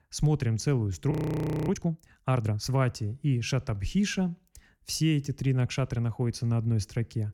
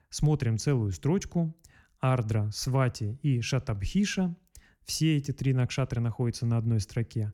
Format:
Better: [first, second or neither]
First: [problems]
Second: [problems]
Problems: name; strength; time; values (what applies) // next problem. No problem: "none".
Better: second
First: audio freezing; at 1 s for 0.5 s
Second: none